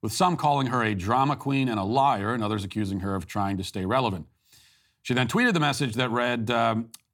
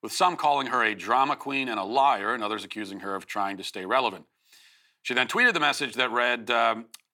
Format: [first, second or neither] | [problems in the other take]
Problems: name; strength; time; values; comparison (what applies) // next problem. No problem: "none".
first | thin; somewhat; fading below 400 Hz